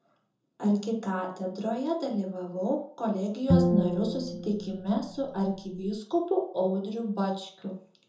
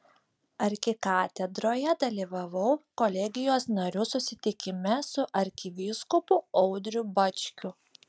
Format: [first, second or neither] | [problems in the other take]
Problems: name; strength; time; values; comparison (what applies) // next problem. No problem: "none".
second | background sound (Bowed string instrument); 1 dB above the speech // room echo; dies away in 0.6 s